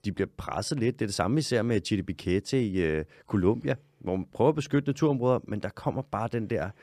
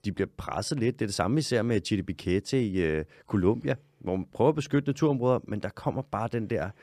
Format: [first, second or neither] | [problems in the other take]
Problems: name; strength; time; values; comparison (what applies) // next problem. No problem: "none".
neither | none